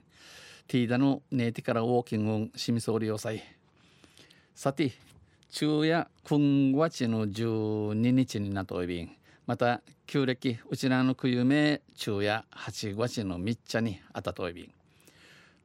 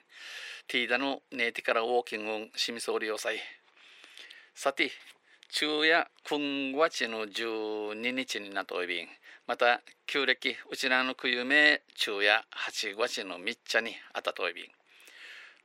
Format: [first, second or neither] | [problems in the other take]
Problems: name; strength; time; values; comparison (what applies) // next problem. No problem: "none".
first | thin; very; fading below 400 Hz